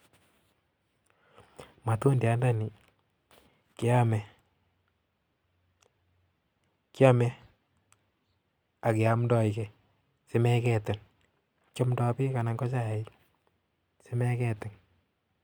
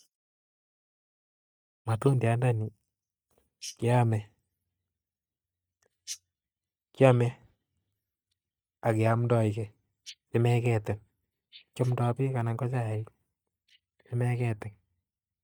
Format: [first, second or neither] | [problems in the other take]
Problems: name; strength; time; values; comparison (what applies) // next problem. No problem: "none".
first | noise reduction (neural mask model DeepFilterNet 3)